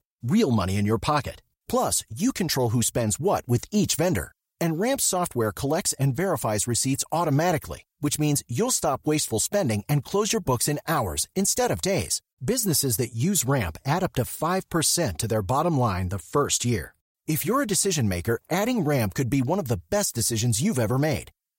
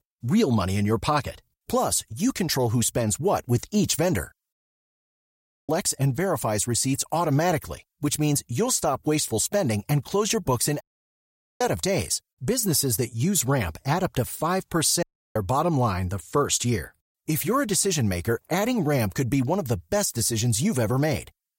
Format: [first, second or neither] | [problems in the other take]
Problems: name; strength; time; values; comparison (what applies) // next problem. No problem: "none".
first | audio cutting out; at 4.5 s for 1 s, at 11 s for 1 s and at 15 s